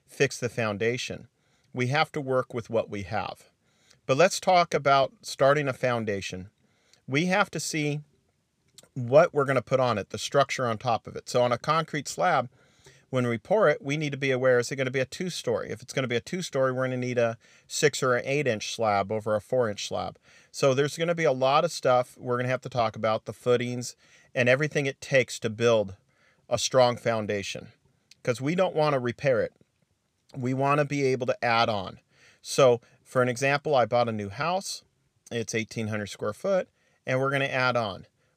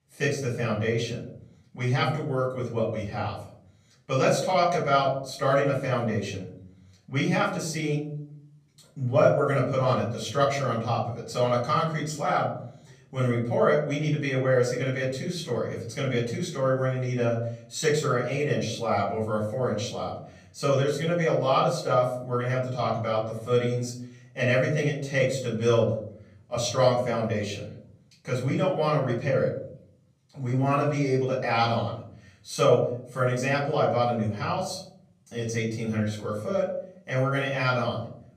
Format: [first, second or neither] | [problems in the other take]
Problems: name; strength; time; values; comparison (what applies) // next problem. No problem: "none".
first | off-mic speech; far // room echo; noticeable; dies away in 0.7 s